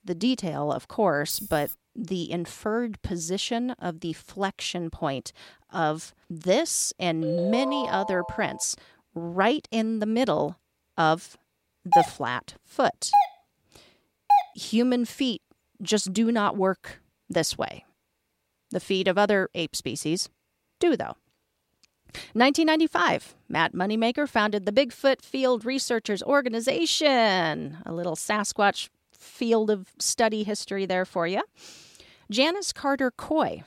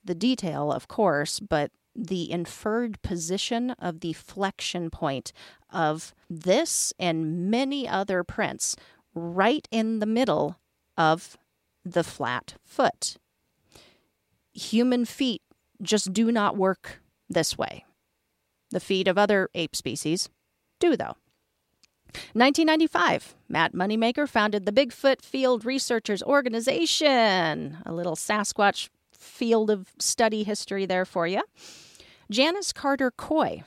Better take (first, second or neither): second